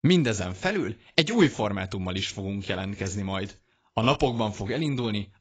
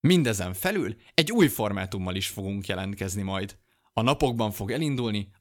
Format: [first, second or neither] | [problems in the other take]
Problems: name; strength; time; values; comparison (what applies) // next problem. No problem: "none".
second | garbled, watery; badly; nothing above 7.5 kHz